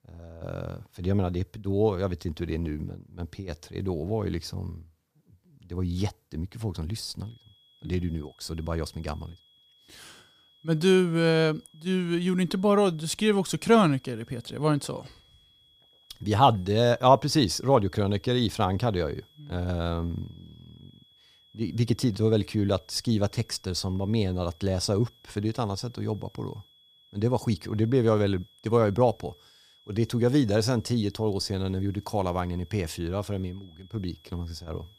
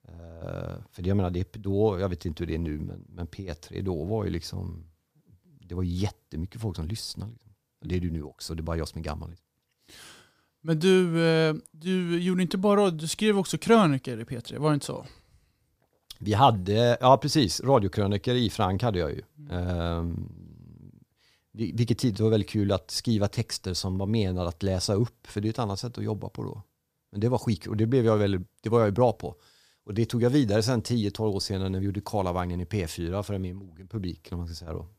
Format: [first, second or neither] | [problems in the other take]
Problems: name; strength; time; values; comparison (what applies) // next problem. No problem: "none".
second | high-pitched whine; faint; from 7 s on; 3.5 kHz, 30 dB below the speech